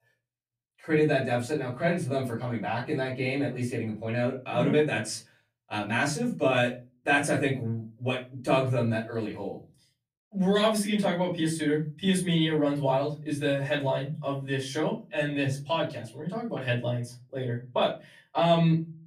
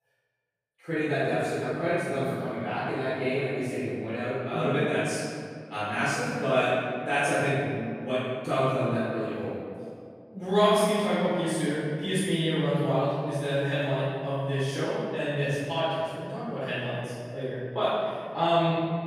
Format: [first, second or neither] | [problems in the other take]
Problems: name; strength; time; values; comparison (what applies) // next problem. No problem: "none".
first | room echo; strong; dies away in 2.1 s; slight in the first // off-mic speech; far; far in the first